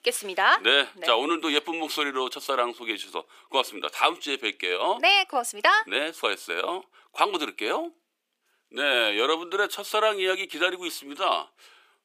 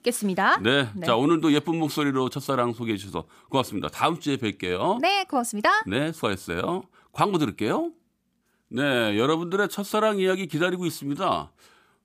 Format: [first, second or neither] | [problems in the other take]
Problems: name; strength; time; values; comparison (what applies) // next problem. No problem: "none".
second | thin; somewhat; fading below 400 Hz